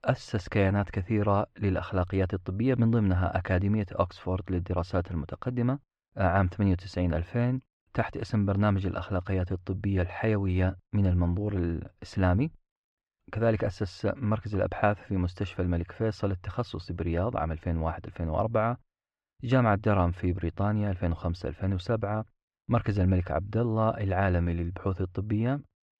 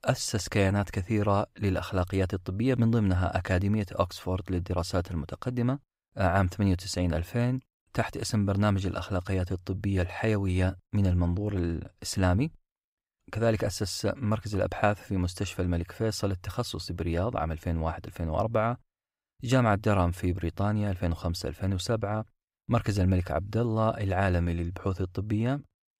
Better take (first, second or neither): second